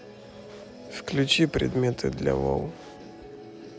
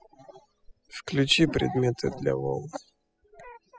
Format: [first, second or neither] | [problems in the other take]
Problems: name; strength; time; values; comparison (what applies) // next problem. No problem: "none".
first | noise reduction (classical method spectral subtraction)